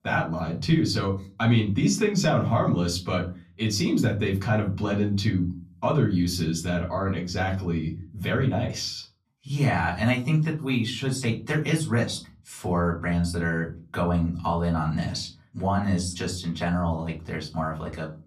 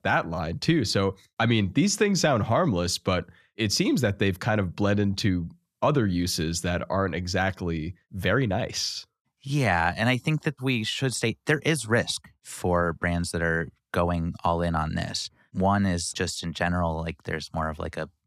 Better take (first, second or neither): second